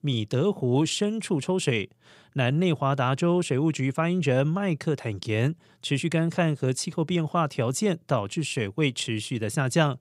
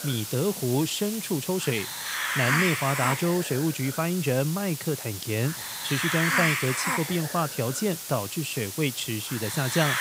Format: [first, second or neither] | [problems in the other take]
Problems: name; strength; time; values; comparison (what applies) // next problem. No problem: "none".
first | hiss; loud; throughout; 2 dB below the speech